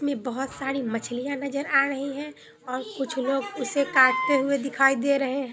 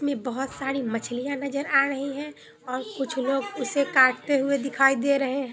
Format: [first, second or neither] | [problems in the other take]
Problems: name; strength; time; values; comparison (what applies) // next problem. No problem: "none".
second | background sound (Wind instrument, woodwind instrument); 3 dB below the speech